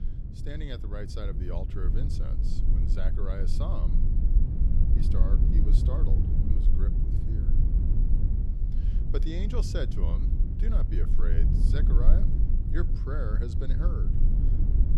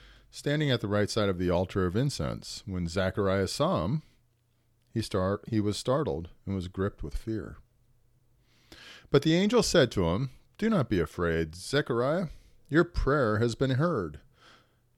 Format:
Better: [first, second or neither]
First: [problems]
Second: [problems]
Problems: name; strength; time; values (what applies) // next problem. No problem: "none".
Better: second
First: low rumble; loud; throughout; 2 dB below the speech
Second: none